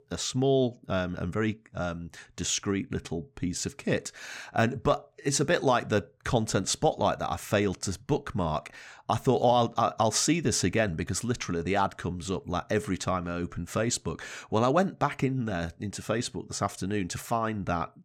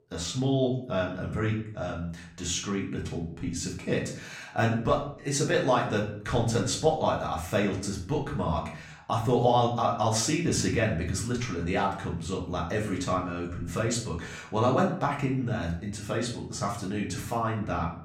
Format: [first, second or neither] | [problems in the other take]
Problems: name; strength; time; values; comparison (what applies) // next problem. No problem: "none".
first | off-mic speech; far // room echo; slight; dies away in 0.5 s